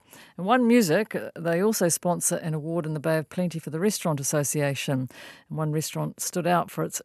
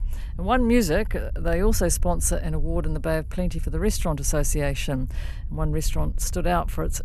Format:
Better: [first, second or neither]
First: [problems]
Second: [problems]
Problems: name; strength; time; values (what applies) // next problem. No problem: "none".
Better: first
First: none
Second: low rumble; faint; throughout; 25 dB below the speech